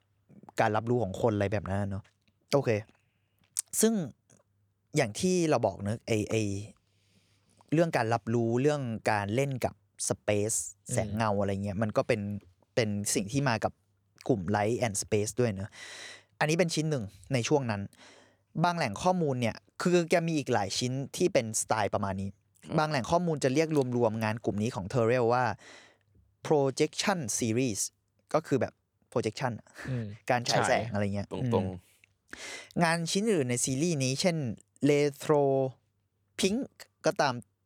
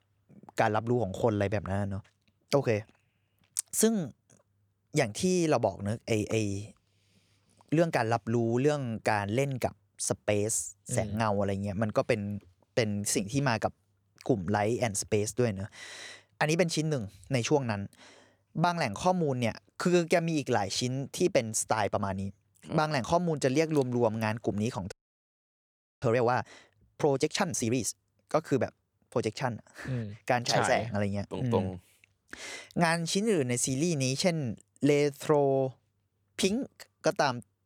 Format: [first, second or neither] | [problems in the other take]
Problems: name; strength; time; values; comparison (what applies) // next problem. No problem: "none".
first | audio freezing; at 25 s for 1 s